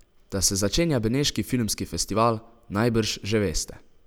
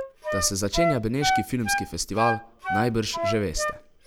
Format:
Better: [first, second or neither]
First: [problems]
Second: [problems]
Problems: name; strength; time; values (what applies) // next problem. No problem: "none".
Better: first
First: none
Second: background sound (Wind instrument, woodwind instrument); 2 dB below the speech